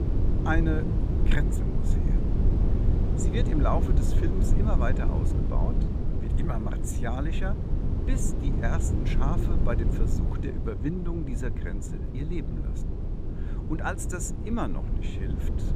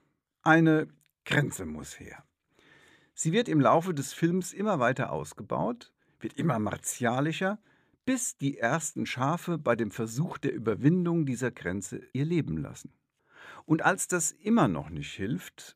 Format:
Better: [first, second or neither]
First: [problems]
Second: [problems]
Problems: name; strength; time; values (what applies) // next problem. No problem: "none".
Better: second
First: low rumble; loud; throughout; 4 dB below the speech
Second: none